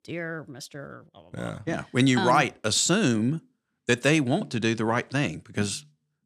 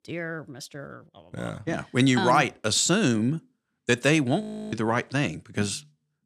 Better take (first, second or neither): first